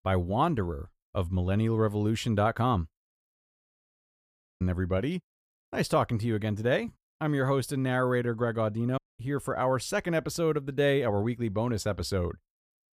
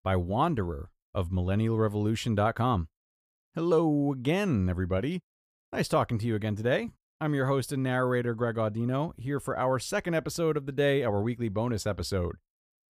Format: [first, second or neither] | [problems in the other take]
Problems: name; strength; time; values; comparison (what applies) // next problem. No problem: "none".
second | audio cutting out; at 3.5 s for 1.5 s and at 9 s